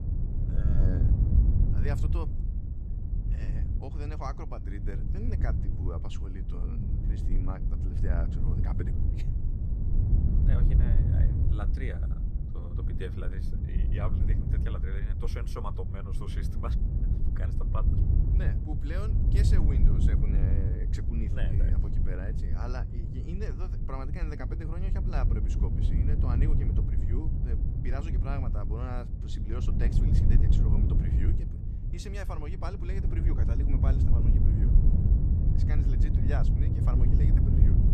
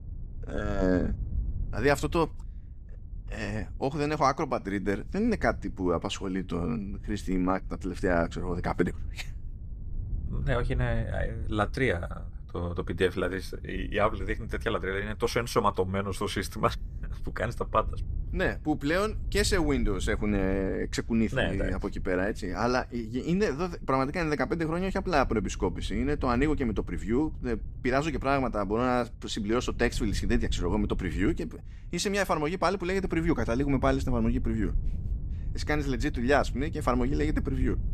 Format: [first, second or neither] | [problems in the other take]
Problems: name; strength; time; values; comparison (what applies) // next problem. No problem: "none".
second | wind noise on the microphone; heavy; as loud as the speech; occasional gusts in the second